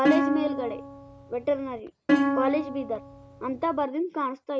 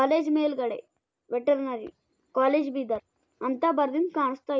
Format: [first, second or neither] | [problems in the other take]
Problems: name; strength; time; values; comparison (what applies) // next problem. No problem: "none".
second | background sound (Plucked string instrument); 1 dB above the speech